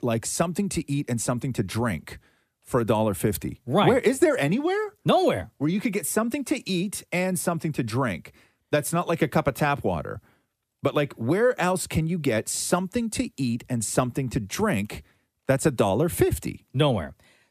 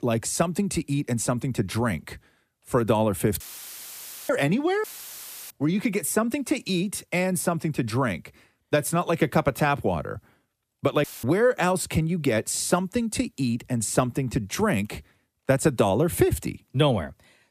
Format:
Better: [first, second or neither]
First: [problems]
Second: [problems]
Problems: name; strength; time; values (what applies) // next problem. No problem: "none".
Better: first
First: none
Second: audio cutting out; filled with static; at 3.5 s for 1 s, at 5 s for 0.5 s and at 11 s